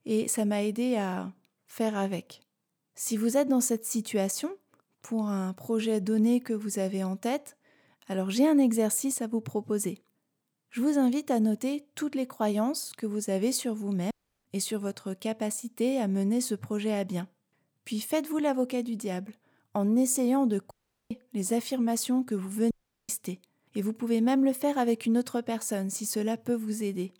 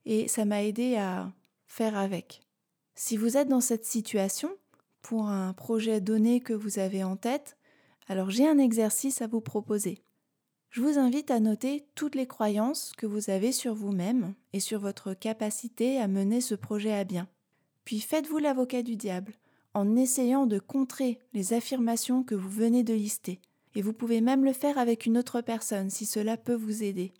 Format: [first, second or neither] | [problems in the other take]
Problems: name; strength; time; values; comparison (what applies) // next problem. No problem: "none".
second | audio cutting out; at 14 s, at 21 s and at 23 s